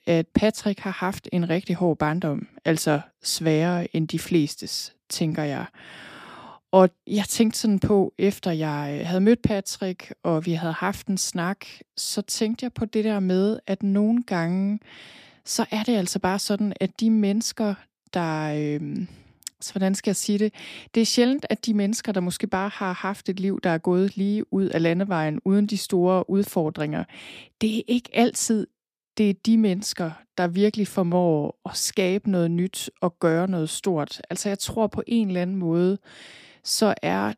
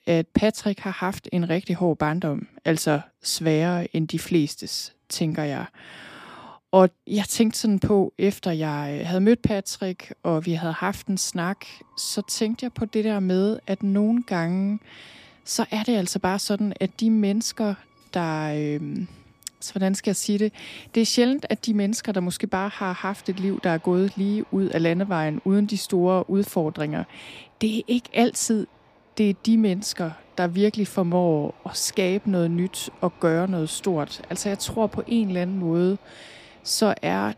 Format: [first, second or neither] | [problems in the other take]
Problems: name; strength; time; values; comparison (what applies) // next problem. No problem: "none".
first | train or aircraft noise; faint; throughout; 30 dB below the speech